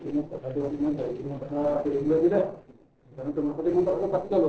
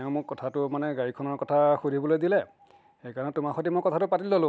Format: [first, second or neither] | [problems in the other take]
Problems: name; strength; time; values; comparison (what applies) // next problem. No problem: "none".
second | noise reduction (neural separator model SepFormer DNS4)